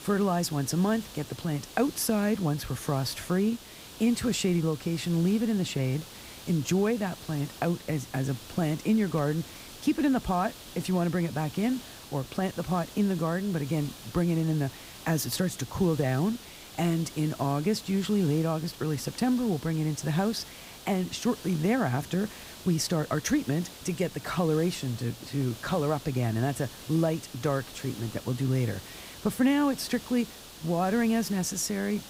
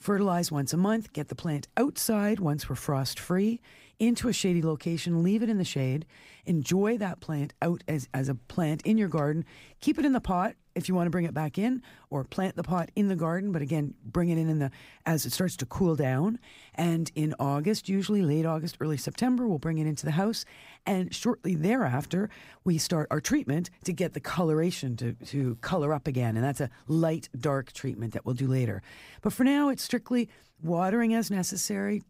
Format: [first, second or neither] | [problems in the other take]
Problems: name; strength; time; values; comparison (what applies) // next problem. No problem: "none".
second | hiss; noticeable; throughout; 15 dB below the speech